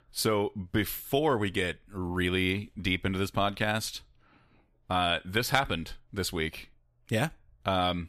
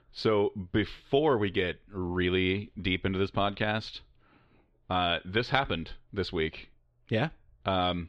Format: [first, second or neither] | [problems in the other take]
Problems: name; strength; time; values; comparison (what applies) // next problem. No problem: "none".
first | muffled; very slightly; fading above 4 kHz